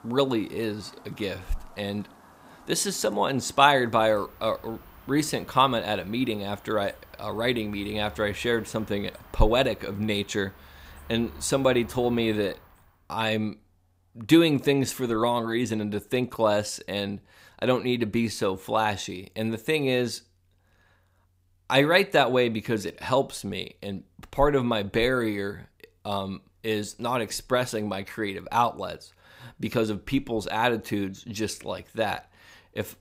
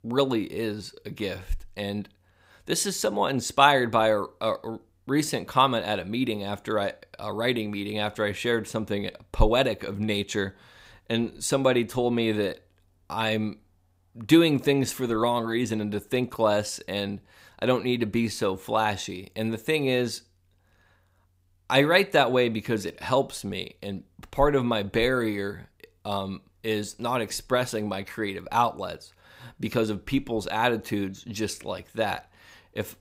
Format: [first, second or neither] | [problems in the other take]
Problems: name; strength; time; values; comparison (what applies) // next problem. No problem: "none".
second | animal sounds; faint; until 13 s; 25 dB below the speech